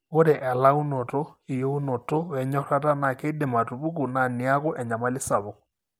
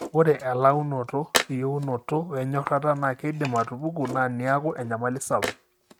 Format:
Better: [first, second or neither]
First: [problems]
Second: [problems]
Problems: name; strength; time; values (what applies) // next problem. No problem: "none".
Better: first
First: none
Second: noise reduction (neural mask model RNNoise)